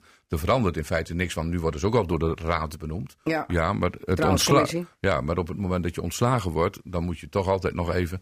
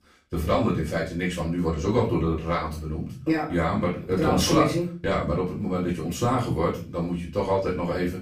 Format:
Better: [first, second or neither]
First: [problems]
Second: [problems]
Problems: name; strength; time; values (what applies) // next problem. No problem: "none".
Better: first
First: none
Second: room echo; slight; dies away in 0.4 s // off-mic speech; far